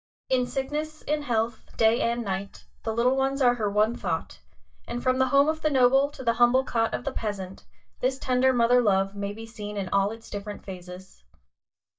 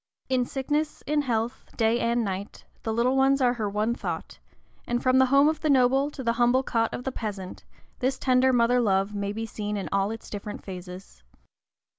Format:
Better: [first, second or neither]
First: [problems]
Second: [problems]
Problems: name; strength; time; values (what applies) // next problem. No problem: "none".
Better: second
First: noise reduction (neural mask model DeepFilterNet 3)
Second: none